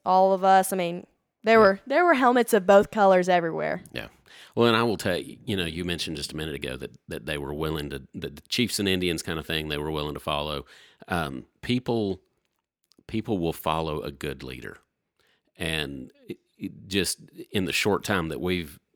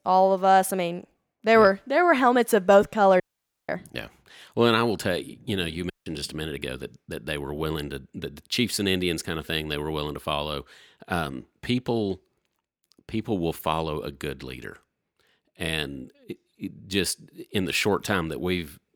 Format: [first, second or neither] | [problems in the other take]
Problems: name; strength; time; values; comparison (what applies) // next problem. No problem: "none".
first | audio cutting out; at 3 s and at 6 s